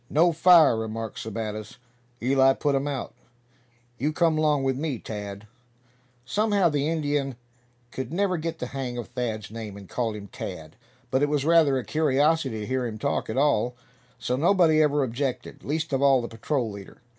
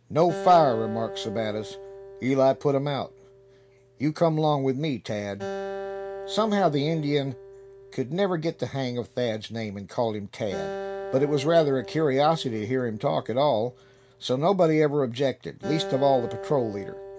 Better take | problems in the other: first | background sound (Acoustic guitar); 13 dB below the speech

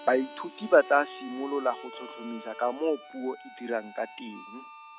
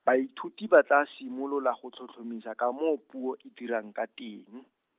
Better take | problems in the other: second | background sound (Harmonica); 16 dB below the speech

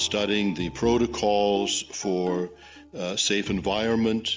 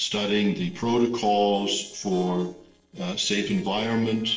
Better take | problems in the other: first | noise reduction (neural separator model SepFormer DNS4)

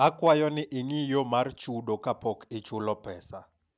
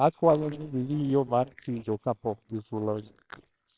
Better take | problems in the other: first | noise reduction (neural separator model SepFormer WHAMR!)

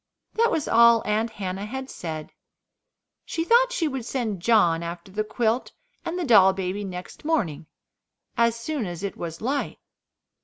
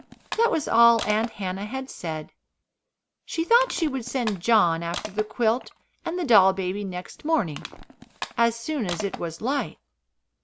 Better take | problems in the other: first | background sound (Crushing); 15 dB below the speech

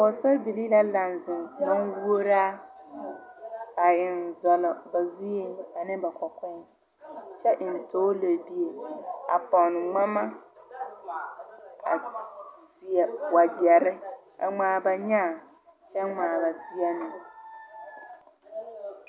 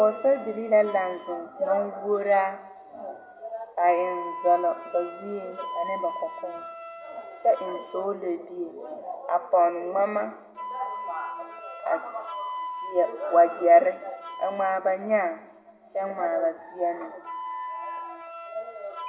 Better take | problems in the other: first | background sound (Wind instrument, woodwind instrument); 13 dB below the speech // room echo; dies away in 1.2 s

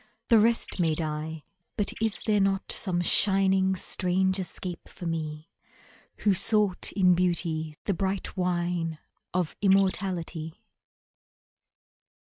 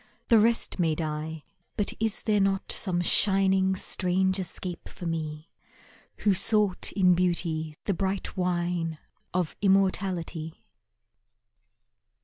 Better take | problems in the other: second | noise reduction (neural mask model RNNoise)

